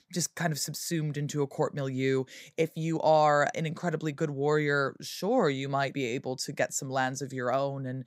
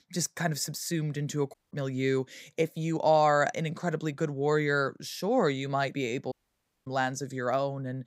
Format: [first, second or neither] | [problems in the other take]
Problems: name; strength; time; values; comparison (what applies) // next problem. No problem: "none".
first | audio cutting out; at 1.5 s and at 6.5 s for 0.5 s